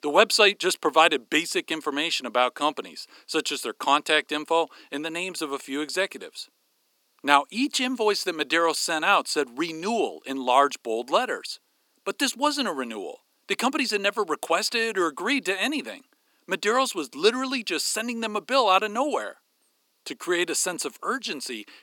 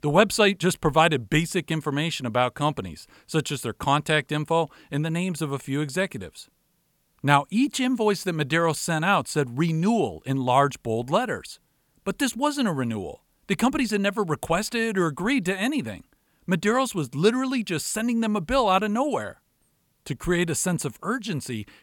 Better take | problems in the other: second | thin; somewhat; fading below 250 Hz

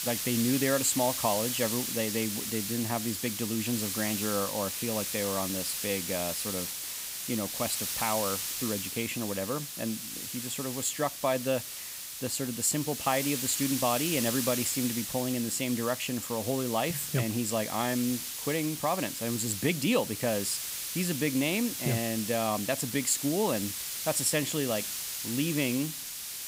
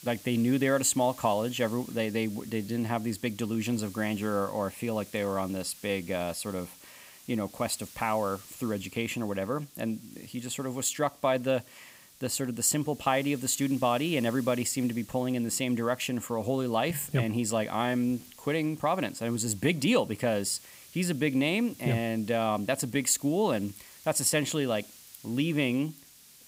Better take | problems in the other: second | hiss; loud; throughout; 2 dB below the speech; faint in the second

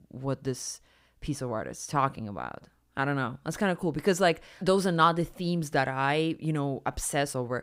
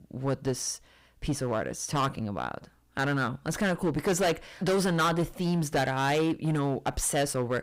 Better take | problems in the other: first | distortion; heavy; 10% of the sound clipped

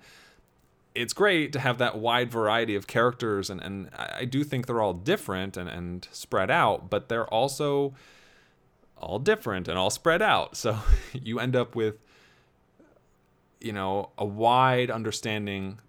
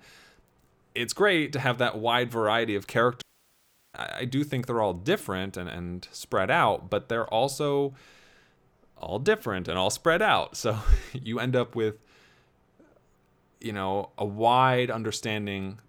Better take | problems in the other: first | audio cutting out; at 3 s for 0.5 s

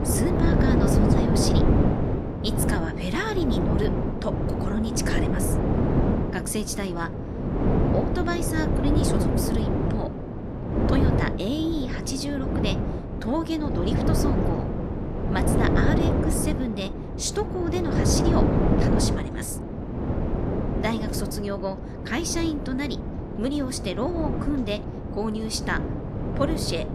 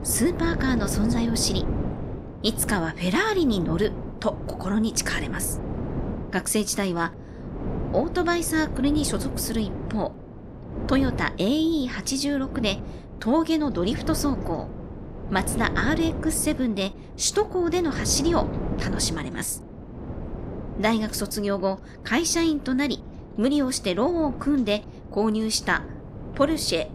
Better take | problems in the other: second | wind noise on the microphone; heavy; as loud as the speech; occasional gusts in the second

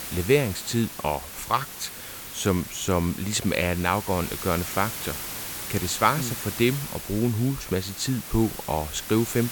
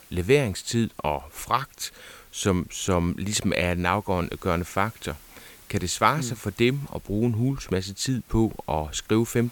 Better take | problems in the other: second | hiss; loud; throughout; 8 dB below the speech; faint in the second

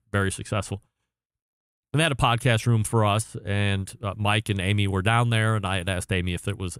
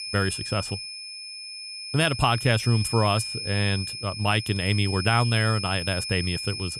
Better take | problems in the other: first | high-pitched whine; loud; throughout; 5 kHz, 7 dB below the speech

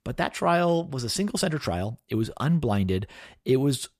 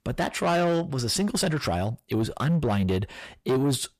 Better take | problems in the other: first | distortion; slight; 10 dB below the speech

